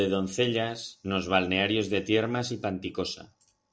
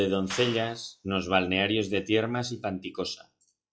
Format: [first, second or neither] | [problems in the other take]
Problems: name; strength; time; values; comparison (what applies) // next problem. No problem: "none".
first | noise reduction (classical method log-MMSE)